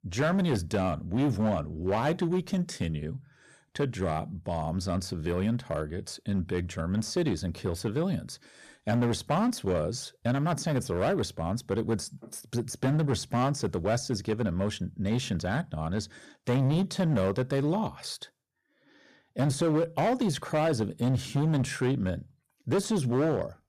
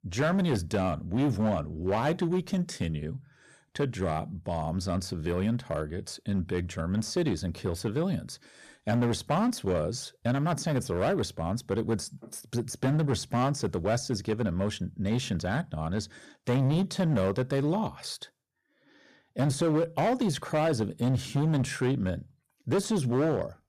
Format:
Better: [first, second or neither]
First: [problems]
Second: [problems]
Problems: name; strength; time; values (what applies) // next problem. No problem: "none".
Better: neither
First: distortion; slight; 8% of the sound clipped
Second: distortion; slight; 8% of the sound clipped